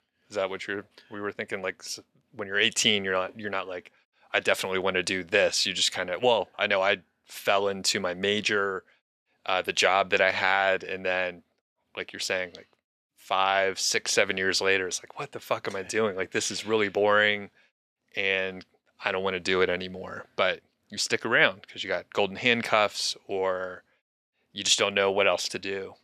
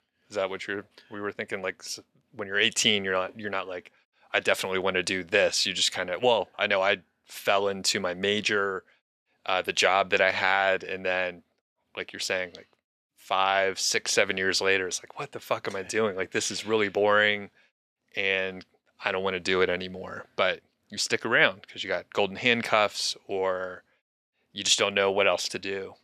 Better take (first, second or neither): neither